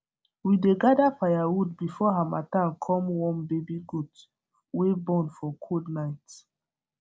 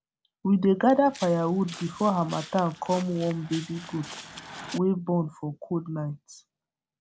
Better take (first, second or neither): first